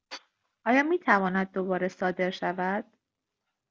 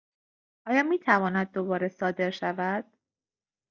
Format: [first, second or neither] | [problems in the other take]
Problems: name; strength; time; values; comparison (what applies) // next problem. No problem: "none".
first | noise reduction (neural mask model DeepFilterNet 3)